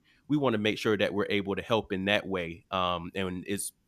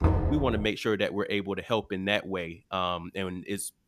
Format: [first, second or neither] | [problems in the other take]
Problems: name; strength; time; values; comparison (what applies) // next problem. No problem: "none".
first | door banging; loud; at the start; peak 4 dB above the speech